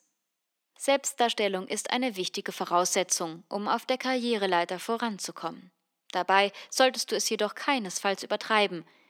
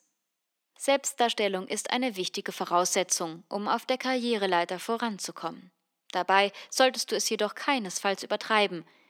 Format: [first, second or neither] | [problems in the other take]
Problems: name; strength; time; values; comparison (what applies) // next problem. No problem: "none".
neither | thin; somewhat; fading below 500 Hz; the same in both